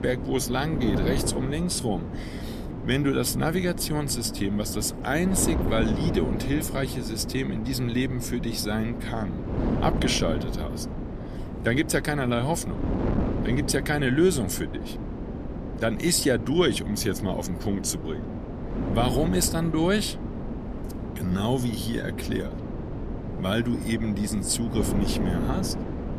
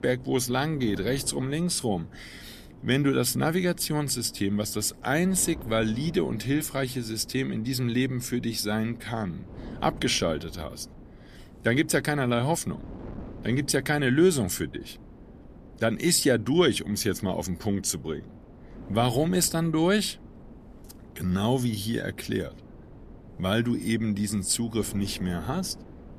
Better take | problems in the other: second | wind noise on the microphone; heavy; 8 dB below the speech; occasional gusts in the second

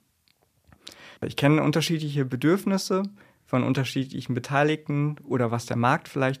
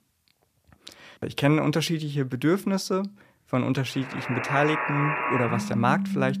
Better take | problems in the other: first | alarms or sirens; loud; from 4 s on; 2 dB below the speech

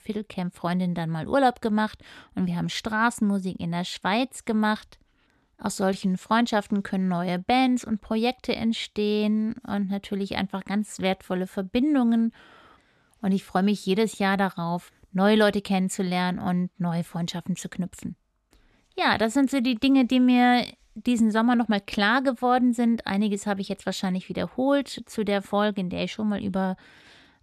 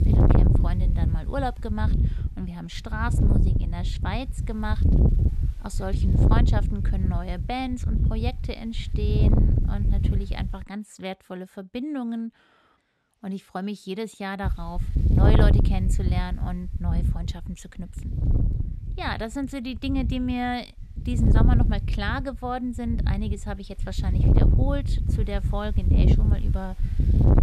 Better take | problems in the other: first | wind noise on the microphone; heavy; until 11 s and from 14 s on; 2 dB below the speech

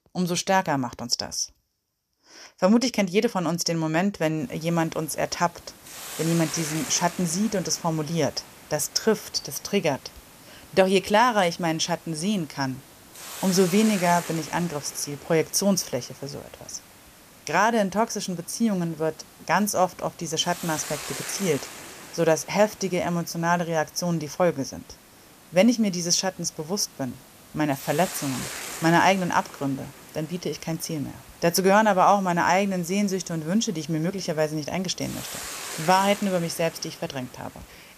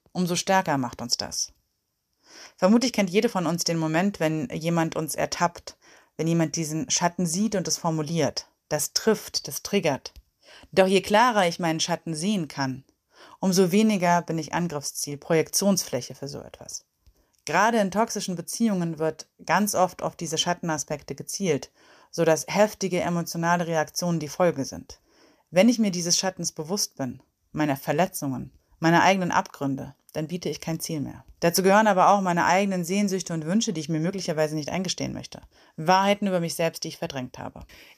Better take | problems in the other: second | hiss; noticeable; from 4.5 s on; 15 dB below the speech

